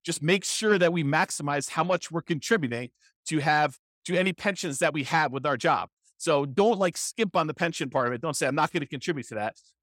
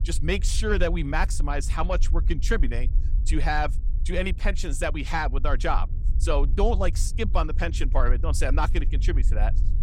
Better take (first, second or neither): first